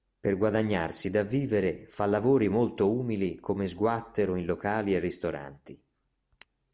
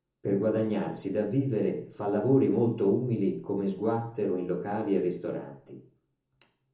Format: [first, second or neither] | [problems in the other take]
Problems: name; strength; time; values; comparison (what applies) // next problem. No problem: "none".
first | room echo; dies away in 0.6 s